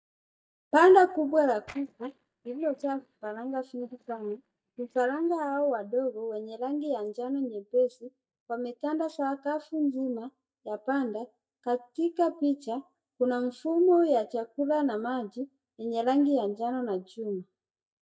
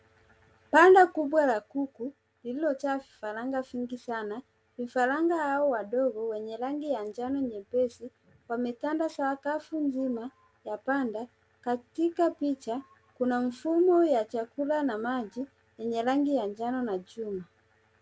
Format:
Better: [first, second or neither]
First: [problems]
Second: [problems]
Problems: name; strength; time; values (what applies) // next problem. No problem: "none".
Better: second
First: noise reduction (neural mask model DeepFilterNet 3)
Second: none